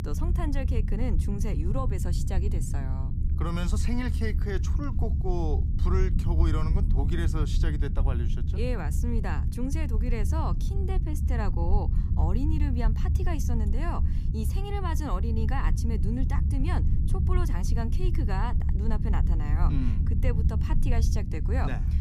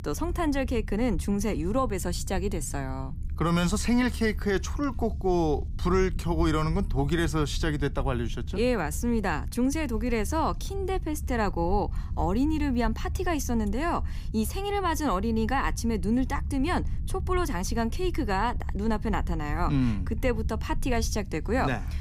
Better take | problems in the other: second | low rumble; loud; throughout; 6 dB below the speech; faint in the second

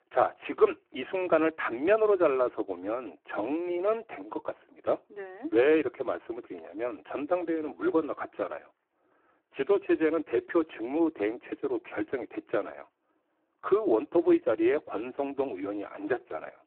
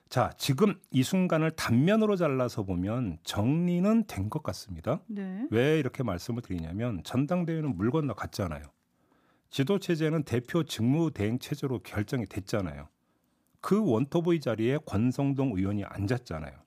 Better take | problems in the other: second | phone-call audio; poor line

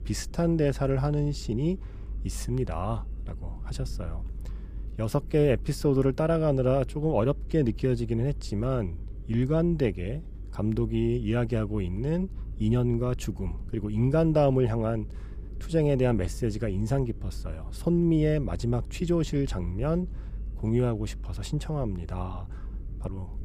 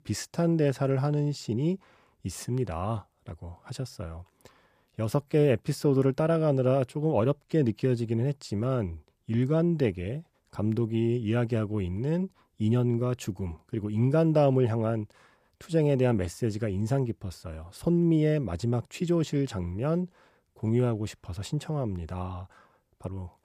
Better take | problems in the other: second | low rumble; faint; throughout; 25 dB below the speech

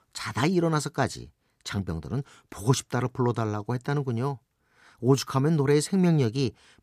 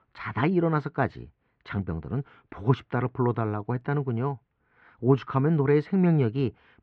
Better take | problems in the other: first | muffled; very; fading above 2.5 kHz

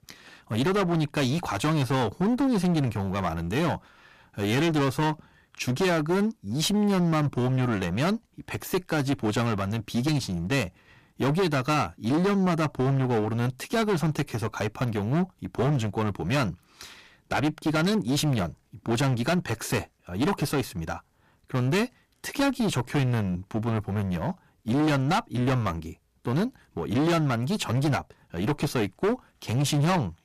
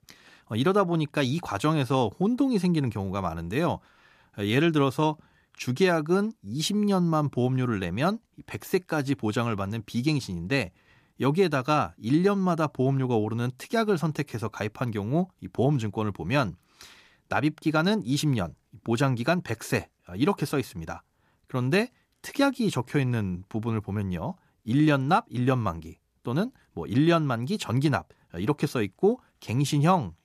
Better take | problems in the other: second | distortion; heavy; 19% of the sound clipped

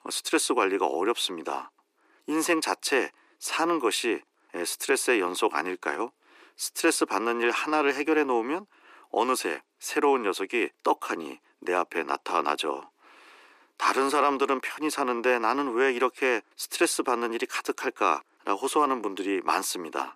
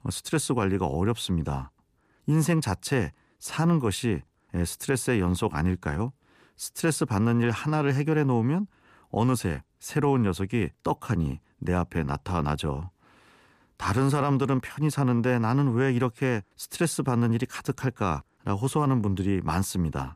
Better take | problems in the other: second | thin; very; fading below 300 Hz

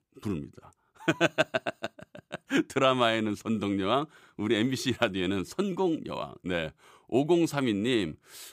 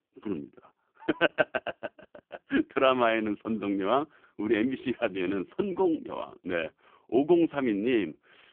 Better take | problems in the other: first | phone-call audio; poor line; nothing above 3.5 kHz

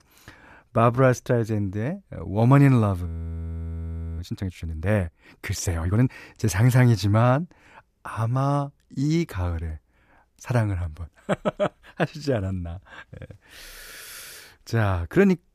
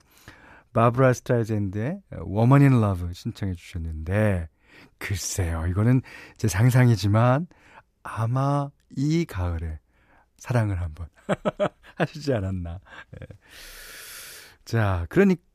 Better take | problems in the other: second | audio freezing; at 3 s for 1 s

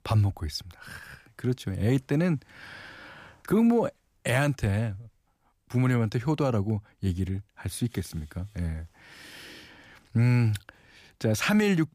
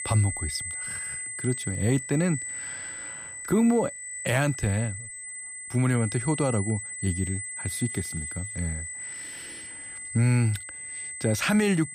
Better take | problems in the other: first | high-pitched whine; loud; throughout; 8 kHz, 7 dB below the speech

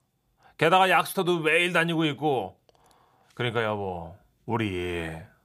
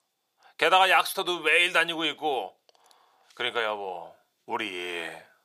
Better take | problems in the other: first | thin; very; fading below 500 Hz

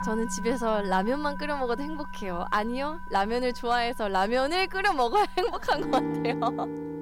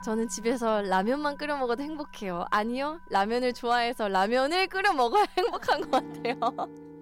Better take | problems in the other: second | background music; loud; throughout; 9 dB below the speech; faint in the second

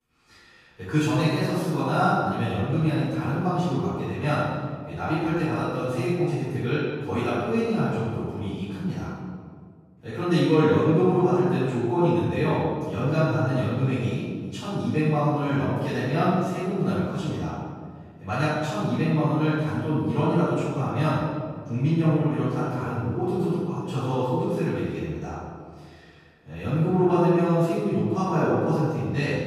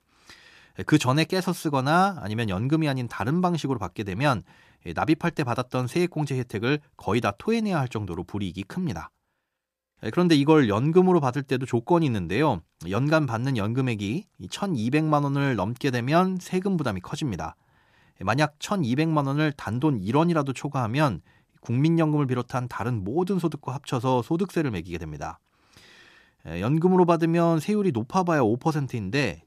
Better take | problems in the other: second | off-mic speech; far // room echo; strong; dies away in 1.7 s

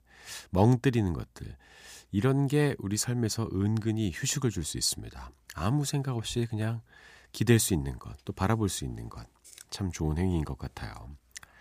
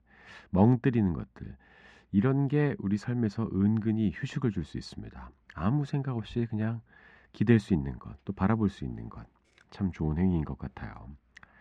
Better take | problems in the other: first | muffled; very; fading above 2 kHz

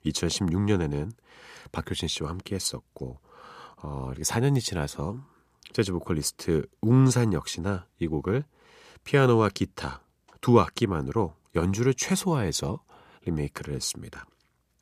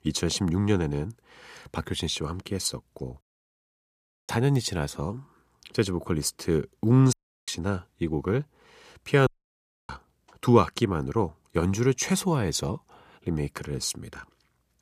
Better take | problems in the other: first | audio cutting out; at 3 s for 1 s, at 7 s and at 9.5 s for 0.5 s

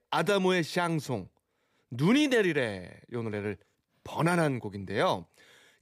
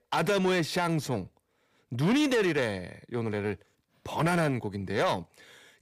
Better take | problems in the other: first | distortion; slight; 10 dB below the speech

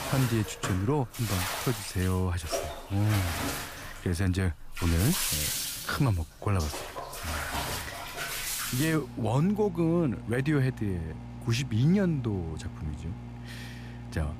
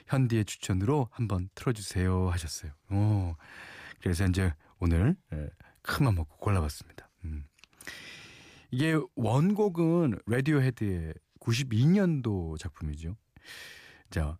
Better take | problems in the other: second | household noises; loud; throughout; 6 dB below the speech

